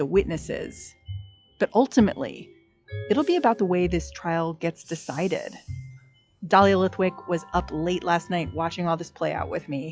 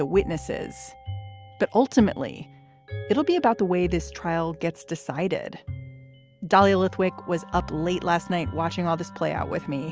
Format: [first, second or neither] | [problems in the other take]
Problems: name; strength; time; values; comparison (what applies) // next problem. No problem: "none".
second | noise reduction (classical method log-MMSE)